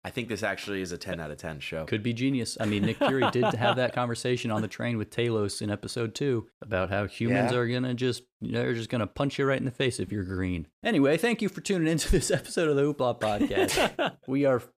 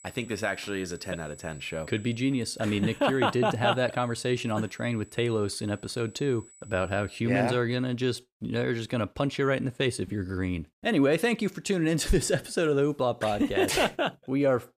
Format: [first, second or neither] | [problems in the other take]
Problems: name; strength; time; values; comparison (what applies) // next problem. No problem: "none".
first | high-pitched whine; faint; until 7 s; 8 kHz, 25 dB below the speech